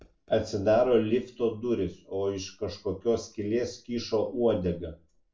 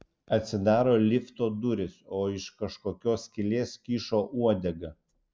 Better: second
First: room echo; dies away in 0.3 s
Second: none

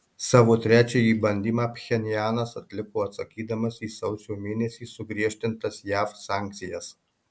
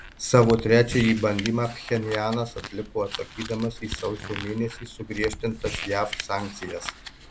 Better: first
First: none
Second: background sound (Crumpling, crinkling); 12 dB below the speech

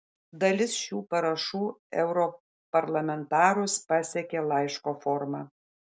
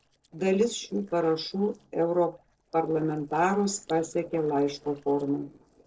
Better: first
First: none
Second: noise reduction (neural separator model SepFormer DNS4)

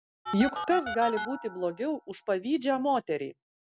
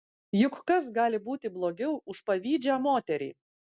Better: second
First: background sound (Telephone); 10 dB below the speech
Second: none

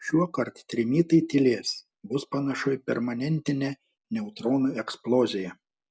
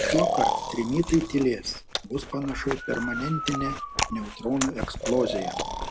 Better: first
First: none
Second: background sound (Breathing + Chewing, mastication); 2 dB below the speech

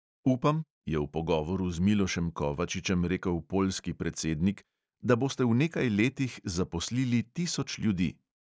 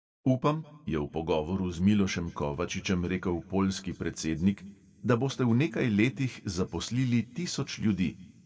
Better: first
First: none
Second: room echo; dies away in 1.5 s

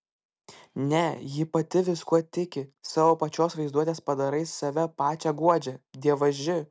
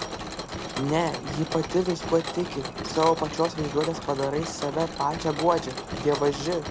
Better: first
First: none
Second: background sound (Mechanisms); 7 dB below the speech

